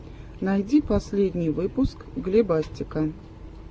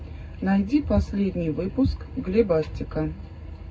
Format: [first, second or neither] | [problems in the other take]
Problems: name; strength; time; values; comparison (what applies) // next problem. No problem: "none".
first | room echo; dies away in 0.3 s